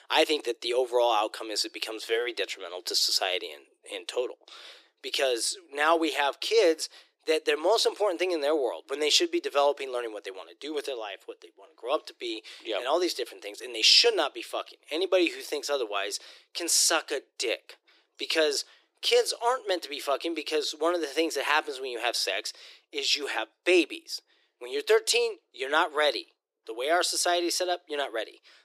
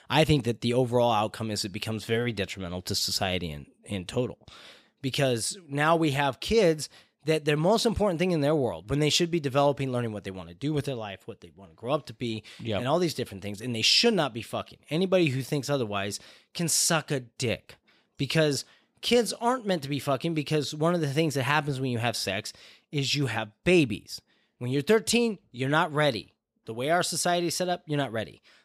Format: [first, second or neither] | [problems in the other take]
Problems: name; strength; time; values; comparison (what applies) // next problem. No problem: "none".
second | thin; very; fading below 350 Hz